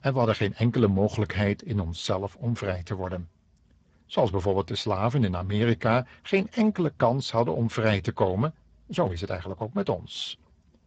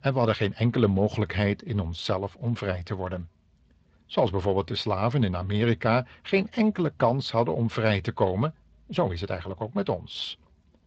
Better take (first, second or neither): second